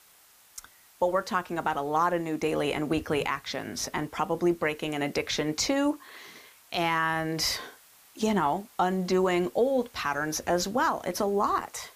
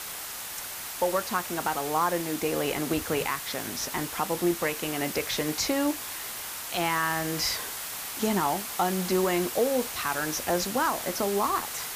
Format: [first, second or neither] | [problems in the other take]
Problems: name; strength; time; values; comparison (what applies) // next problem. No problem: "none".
first | hiss; loud; throughout; 5 dB below the speech; faint in the first